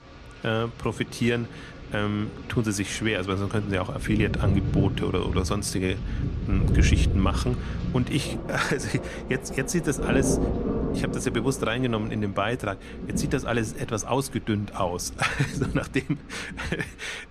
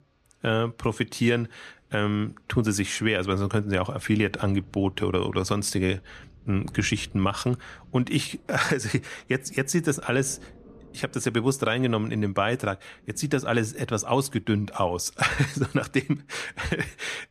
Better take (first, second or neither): second